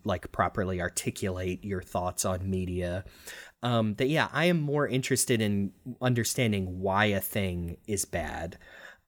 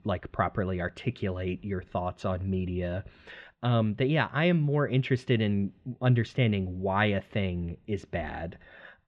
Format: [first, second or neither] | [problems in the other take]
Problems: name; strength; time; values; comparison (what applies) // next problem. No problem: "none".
first | muffled; very; fading above 3 kHz